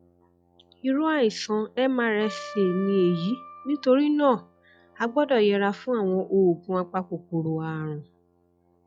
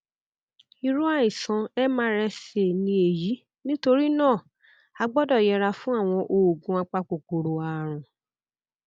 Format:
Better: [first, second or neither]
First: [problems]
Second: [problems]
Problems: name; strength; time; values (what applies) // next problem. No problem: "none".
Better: second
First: noise reduction (classical method log-MMSE)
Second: none